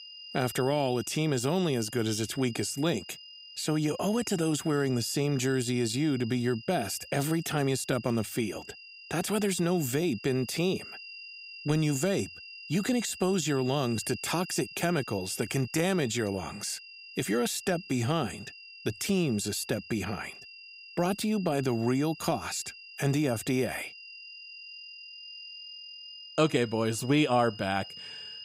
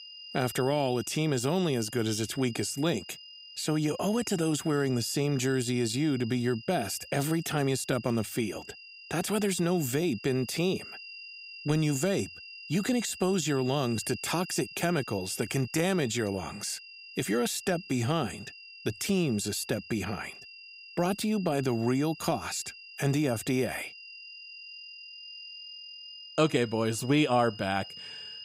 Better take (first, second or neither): neither